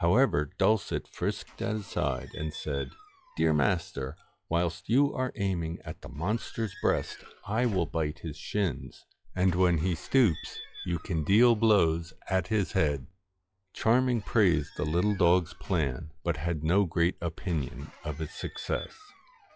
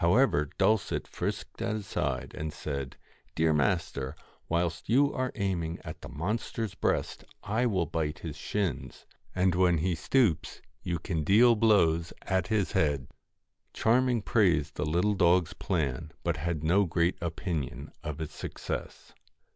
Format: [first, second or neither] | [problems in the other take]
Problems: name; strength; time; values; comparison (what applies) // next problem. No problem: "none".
second | noise reduction (classical method log-MMSE)